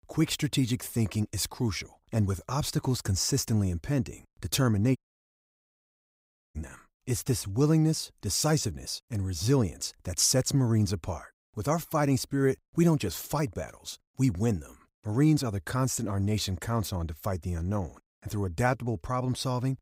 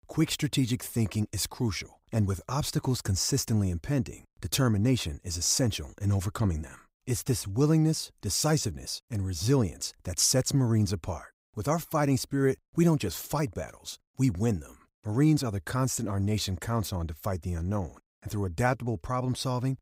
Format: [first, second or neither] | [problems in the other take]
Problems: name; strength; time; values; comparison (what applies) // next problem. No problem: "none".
second | audio cutting out; at 5 s for 1.5 s